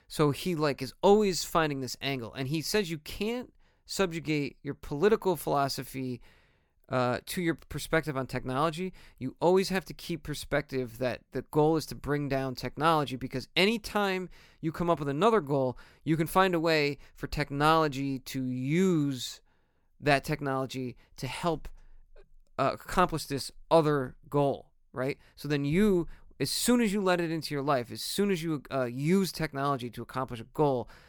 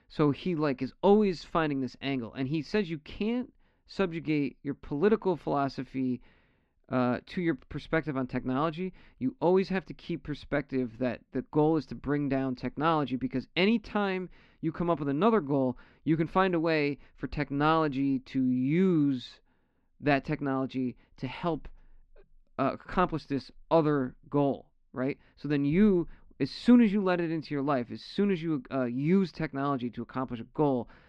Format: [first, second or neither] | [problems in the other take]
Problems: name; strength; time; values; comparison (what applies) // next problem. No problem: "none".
first | muffled; slightly; fading above 3.5 kHz